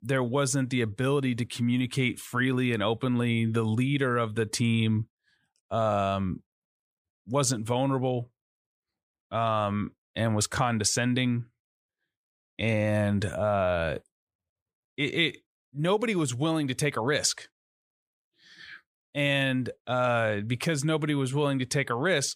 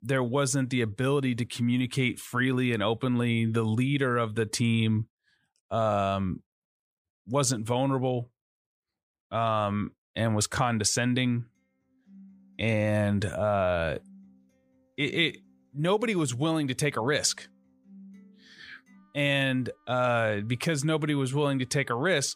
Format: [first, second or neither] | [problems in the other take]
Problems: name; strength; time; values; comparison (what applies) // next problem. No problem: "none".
first | background music; faint; from 12 s on; 30 dB below the speech